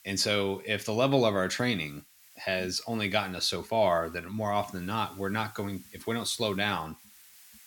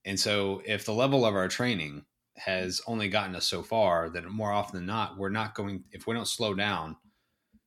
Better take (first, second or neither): second